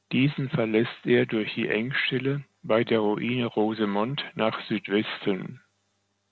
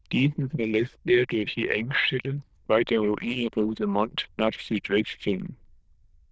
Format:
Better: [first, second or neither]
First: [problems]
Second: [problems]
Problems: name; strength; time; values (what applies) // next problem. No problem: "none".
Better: first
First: none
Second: noise reduction (neural diffusion model UNIVERSE++)